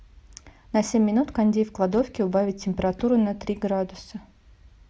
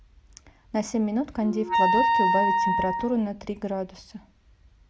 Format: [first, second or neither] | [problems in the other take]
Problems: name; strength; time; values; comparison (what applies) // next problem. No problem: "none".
first | background sound (Wind instrument, woodwind instrument); 3 dB above the speech